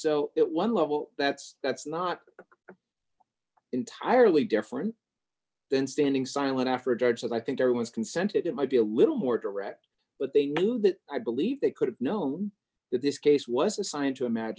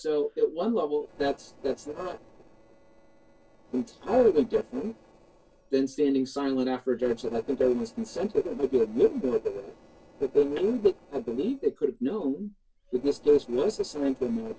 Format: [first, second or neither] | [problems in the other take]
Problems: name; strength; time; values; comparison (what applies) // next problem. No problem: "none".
first | noise reduction (neural separator model SepFormer DNS4)